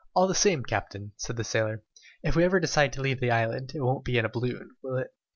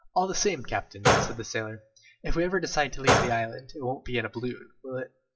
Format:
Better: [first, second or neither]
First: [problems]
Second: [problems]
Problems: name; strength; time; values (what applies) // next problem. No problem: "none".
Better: first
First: none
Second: noise reduction (classical method WPE with log-MMSE)